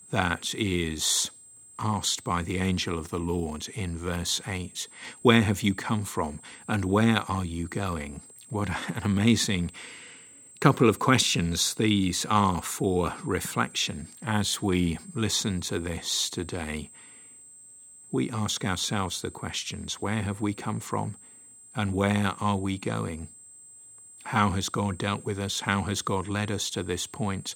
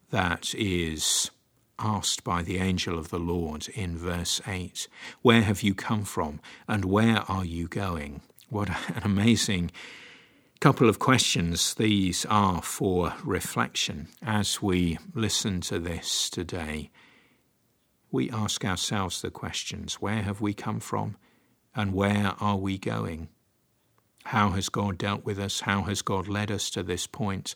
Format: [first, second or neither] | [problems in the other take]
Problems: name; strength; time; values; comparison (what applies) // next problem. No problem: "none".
second | high-pitched whine; noticeable; throughout; 8 kHz, 20 dB below the speech